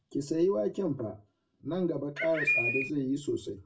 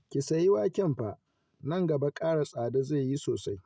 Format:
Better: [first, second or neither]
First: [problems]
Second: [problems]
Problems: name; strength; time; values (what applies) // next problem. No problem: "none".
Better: second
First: background sound (Bird); 2 dB above the speech // room echo; dies away in 0.2 s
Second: none